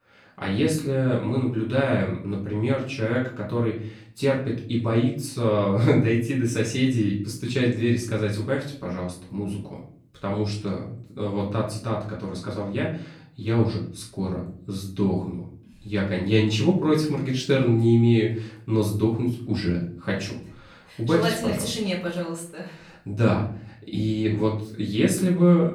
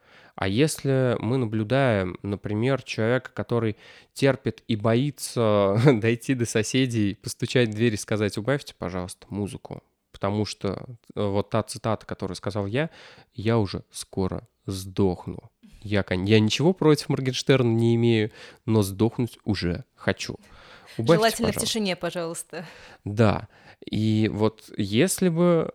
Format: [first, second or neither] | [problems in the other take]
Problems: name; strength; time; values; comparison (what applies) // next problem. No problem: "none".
second | off-mic speech; far // room echo; slight; dies away in 0.5 s